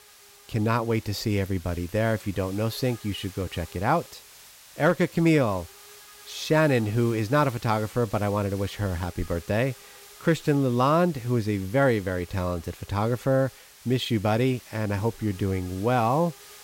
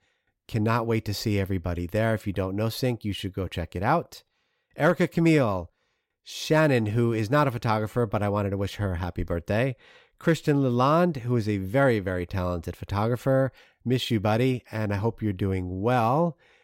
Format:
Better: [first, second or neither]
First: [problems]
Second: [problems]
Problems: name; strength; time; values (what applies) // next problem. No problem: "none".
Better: second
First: hiss; faint; throughout; 20 dB below the speech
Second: none